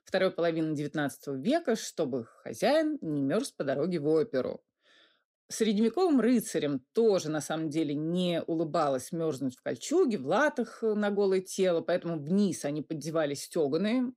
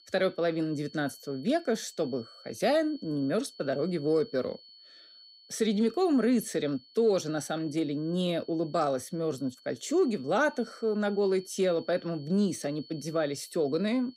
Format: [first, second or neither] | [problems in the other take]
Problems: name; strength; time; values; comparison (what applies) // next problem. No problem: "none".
first | high-pitched whine; faint; throughout; 4.5 kHz, 20 dB below the speech